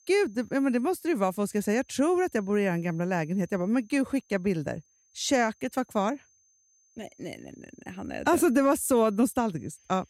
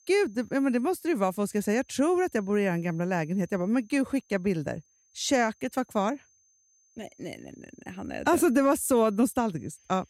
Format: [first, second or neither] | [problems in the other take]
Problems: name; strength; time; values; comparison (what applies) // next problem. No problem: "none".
neither | high-pitched whine; faint; throughout; 6.5 kHz, 35 dB below the speech; the same in both